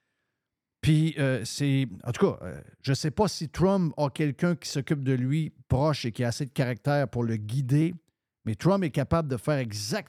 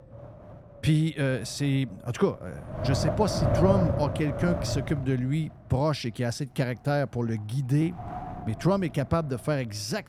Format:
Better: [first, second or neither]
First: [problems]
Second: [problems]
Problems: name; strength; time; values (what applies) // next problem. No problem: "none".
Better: first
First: none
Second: wind noise on the microphone; heavy; 1 dB below the speech